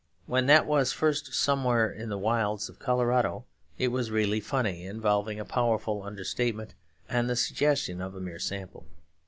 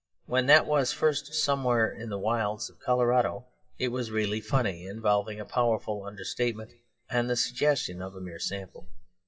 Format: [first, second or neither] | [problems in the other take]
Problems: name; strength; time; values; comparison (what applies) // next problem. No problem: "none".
first | noise reduction (classical method WPE with log-MMSE)